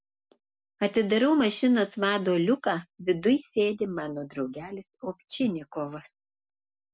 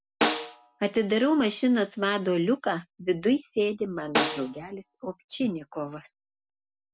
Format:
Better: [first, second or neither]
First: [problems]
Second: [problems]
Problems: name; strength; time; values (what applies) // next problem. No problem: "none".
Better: first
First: none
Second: background sound (Snare drum); 4 dB below the speech